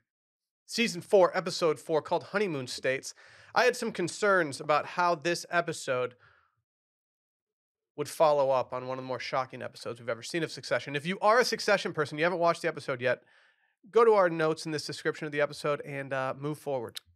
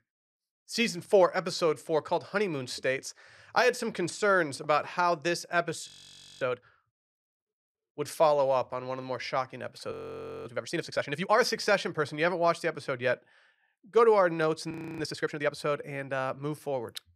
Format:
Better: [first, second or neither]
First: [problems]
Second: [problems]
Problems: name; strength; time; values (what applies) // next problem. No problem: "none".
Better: first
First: none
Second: audio freezing; at 6 s for 0.5 s, at 10 s for 0.5 s and at 15 s